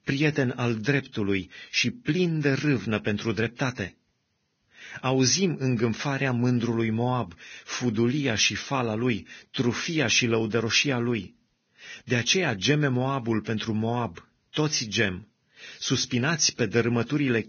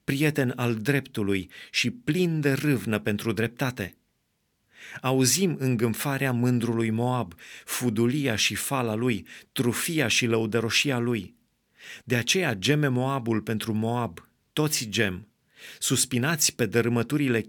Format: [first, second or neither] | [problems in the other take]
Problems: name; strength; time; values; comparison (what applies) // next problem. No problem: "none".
second | garbled, watery; badly; nothing above 6.5 kHz